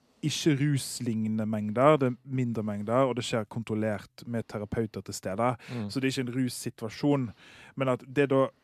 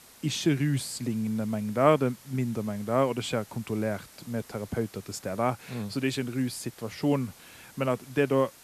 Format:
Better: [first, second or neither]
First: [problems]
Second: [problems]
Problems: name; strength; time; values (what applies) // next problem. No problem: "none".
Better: first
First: none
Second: hiss; faint; throughout; 20 dB below the speech